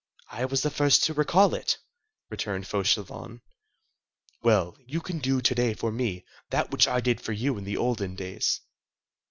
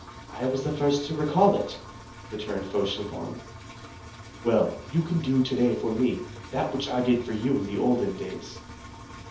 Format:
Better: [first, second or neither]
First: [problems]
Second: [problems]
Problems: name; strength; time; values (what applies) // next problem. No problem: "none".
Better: first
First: none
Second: background sound (Engine); 15 dB below the speech // room echo; dies away in 0.5 s